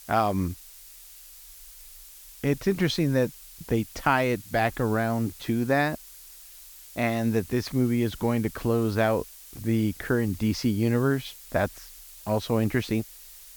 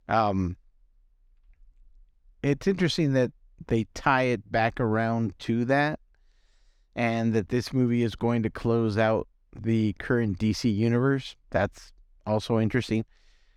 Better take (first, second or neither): second